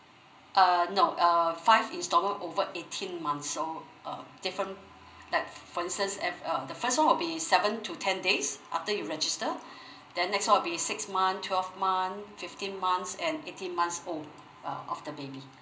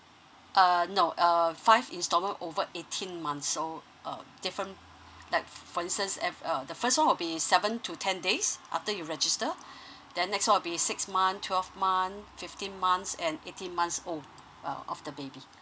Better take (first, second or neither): second